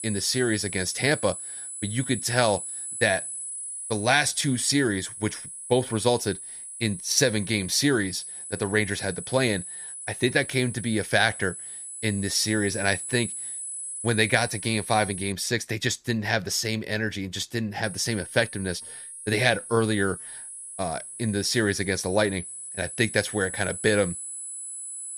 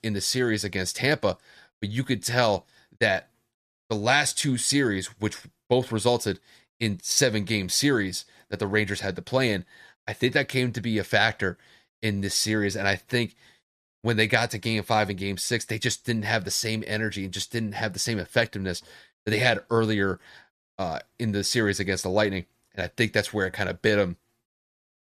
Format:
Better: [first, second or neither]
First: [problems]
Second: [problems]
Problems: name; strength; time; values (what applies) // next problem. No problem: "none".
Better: second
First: high-pitched whine; loud; until 15 s and from 18 s on; 10 kHz, 9 dB below the speech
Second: none